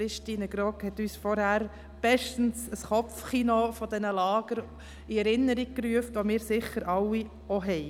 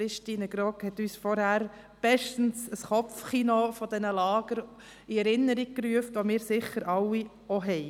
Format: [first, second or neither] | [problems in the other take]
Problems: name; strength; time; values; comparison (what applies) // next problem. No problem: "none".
second | background sound (Musical instrument); 18 dB below the speech